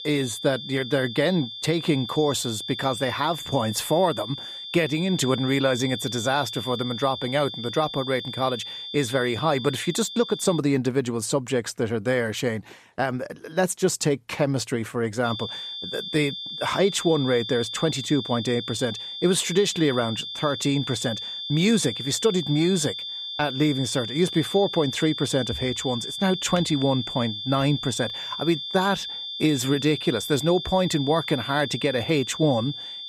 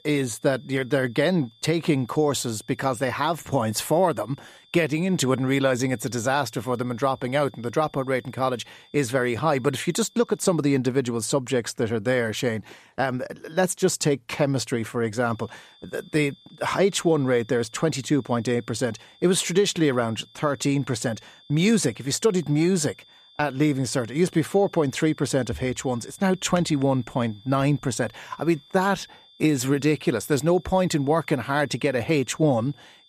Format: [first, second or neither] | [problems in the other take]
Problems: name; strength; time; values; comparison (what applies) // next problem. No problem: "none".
second | high-pitched whine; loud; until 11 s and from 15 s on; 3.5 kHz, 7 dB below the speech; faint in the second